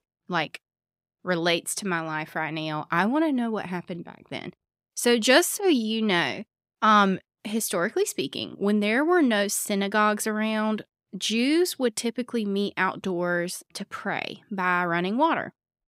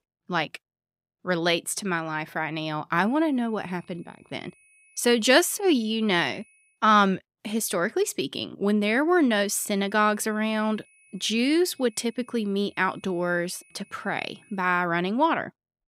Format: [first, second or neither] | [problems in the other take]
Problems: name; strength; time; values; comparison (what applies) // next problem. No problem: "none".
first | high-pitched whine; faint; from 3 to 6.5 s and from 9.5 to 15 s; 2.5 kHz, 30 dB below the speech